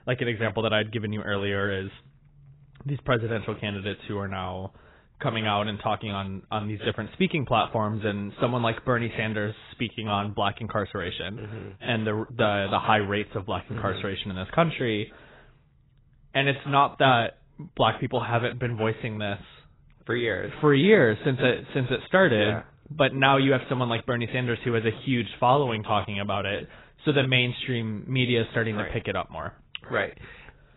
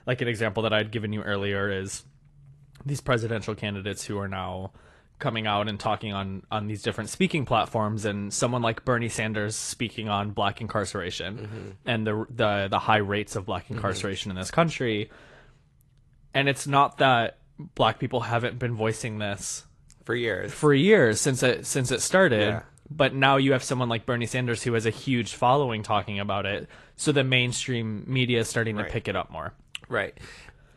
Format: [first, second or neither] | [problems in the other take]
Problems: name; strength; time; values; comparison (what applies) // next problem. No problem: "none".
second | garbled, watery; badly; nothing above 4 kHz; slightly in the second